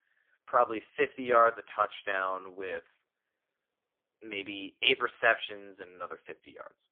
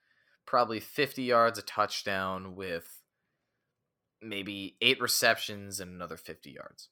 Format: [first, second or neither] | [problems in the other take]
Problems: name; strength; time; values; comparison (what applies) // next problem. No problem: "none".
second | phone-call audio; poor line; nothing above 3.5 kHz